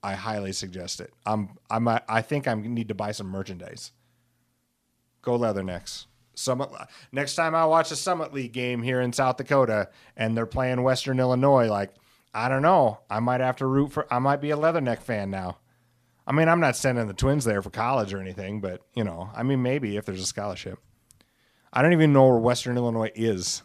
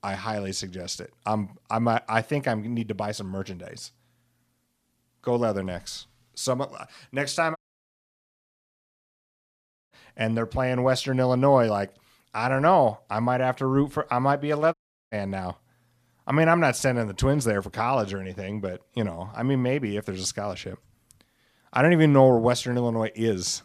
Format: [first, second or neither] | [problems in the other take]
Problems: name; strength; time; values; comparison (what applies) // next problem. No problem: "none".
first | audio cutting out; at 7.5 s for 2.5 s and at 15 s